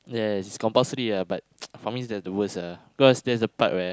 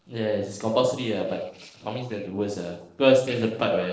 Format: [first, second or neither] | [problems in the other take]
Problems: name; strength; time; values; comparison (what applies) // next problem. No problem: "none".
first | noise reduction (neural separator model SepFormer DNS4)